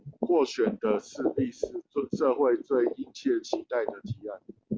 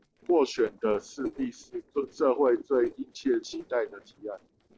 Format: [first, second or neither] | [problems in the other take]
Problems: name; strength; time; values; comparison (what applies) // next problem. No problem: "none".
first | noise reduction (neural separator model SepFormer DNS4)